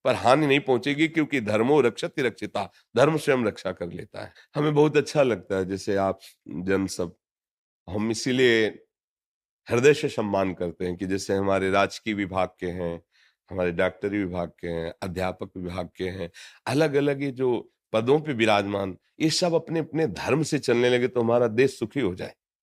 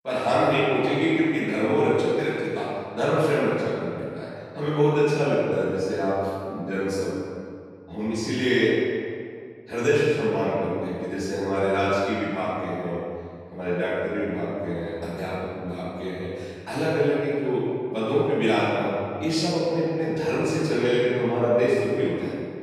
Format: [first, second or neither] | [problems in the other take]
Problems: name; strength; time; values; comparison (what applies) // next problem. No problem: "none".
first | off-mic speech; far // room echo; strong; dies away in 2 s